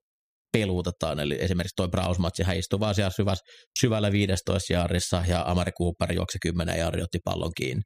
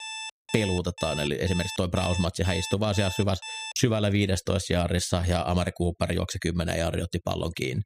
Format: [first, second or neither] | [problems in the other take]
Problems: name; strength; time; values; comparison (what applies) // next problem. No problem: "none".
first | alarm; noticeable; until 3.5 s; peak 7 dB below the speech